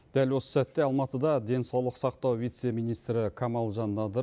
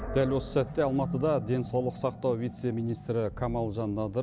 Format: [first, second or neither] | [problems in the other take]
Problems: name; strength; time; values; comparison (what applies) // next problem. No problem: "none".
first | background sound (Animal); 10 dB below the speech